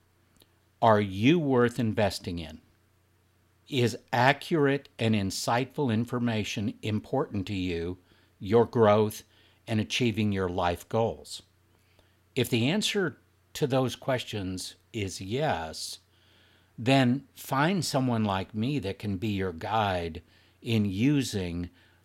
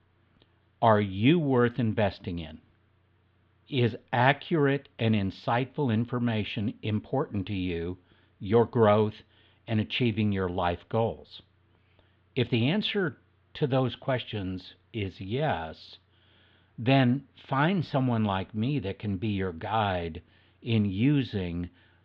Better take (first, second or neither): first